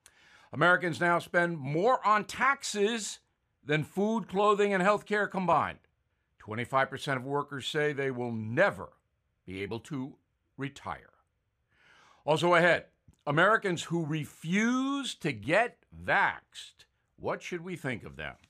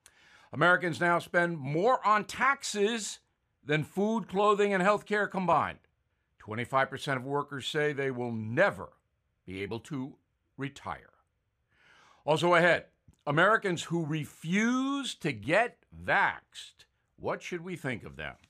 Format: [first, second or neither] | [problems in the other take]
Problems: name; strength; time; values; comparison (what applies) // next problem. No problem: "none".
neither | none